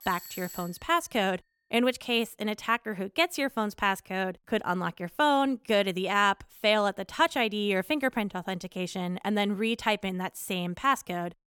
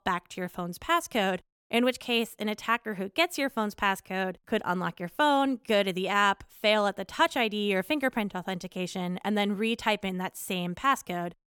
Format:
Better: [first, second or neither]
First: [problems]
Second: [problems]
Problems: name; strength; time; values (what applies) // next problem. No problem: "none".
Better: second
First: doorbell; faint; at the start; peak 15 dB below the speech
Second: none